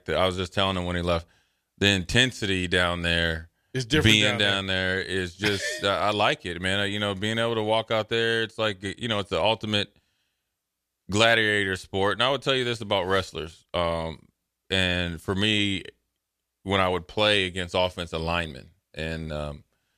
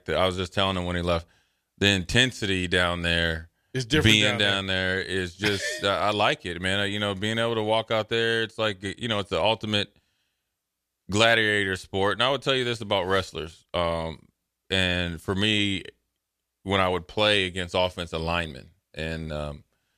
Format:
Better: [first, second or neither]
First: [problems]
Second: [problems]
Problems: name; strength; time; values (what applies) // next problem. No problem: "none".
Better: neither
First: none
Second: none